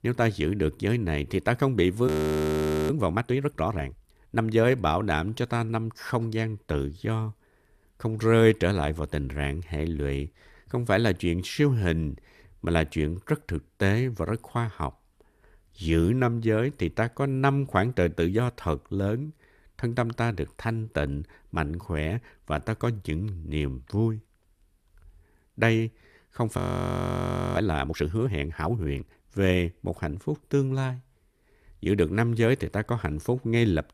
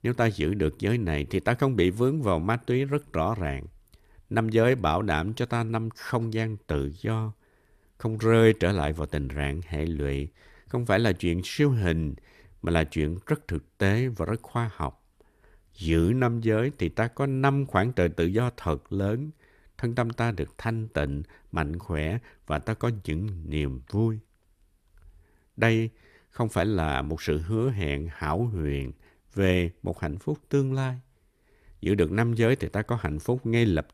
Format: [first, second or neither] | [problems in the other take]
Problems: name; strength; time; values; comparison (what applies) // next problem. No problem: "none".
second | audio freezing; at 2 s for 1 s and at 27 s for 1 s